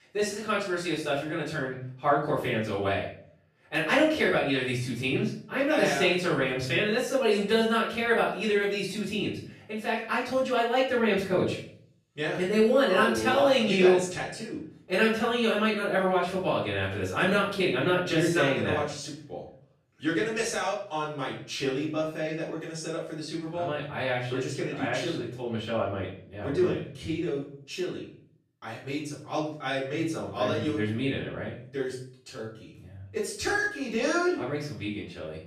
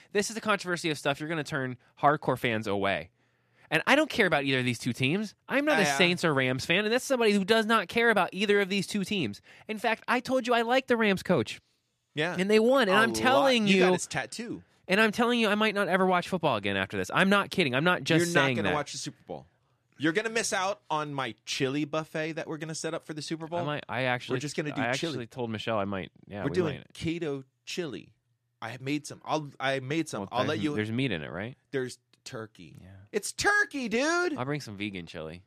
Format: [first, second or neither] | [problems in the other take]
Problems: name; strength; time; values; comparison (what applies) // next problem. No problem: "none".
second | room echo; noticeable; dies away in 0.5 s // off-mic speech; far